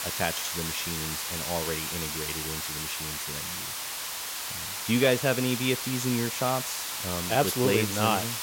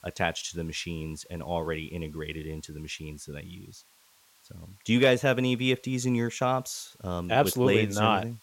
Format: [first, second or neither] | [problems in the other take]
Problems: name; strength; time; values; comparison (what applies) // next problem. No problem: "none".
second | hiss; loud; throughout; 2 dB below the speech; faint in the second